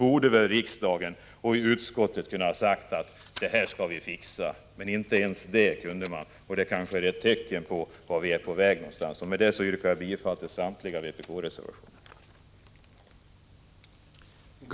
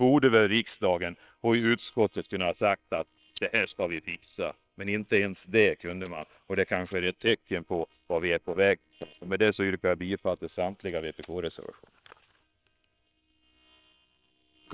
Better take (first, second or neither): first